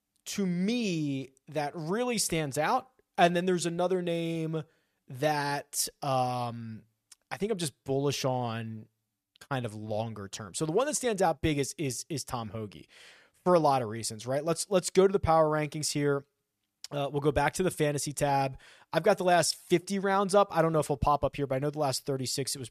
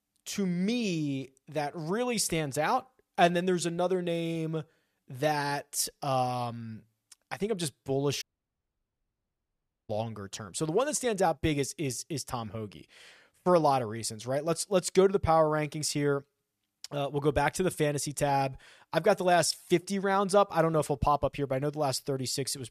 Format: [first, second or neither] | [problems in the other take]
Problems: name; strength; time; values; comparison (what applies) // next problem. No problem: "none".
first | audio cutting out; at 8 s for 1.5 s